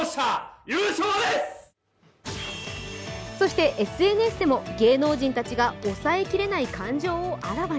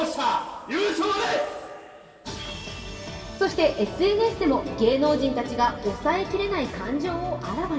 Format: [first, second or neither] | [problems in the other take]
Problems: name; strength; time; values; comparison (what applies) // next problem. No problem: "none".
first | room echo; dies away in 2.6 s